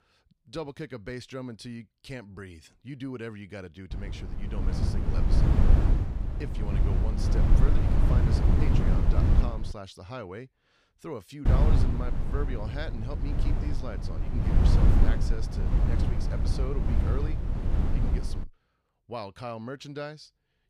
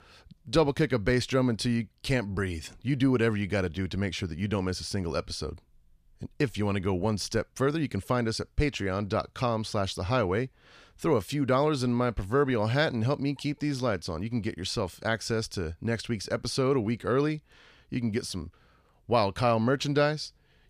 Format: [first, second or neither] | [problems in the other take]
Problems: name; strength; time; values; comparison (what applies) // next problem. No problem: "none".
second | wind noise on the microphone; heavy; from 4 to 9.5 s and from 11 to 18 s; 2 dB above the speech